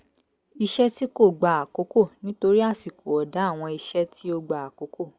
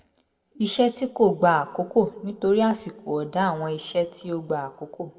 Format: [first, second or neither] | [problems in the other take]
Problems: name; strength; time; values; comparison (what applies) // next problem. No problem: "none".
first | room echo; dies away in 1.2 s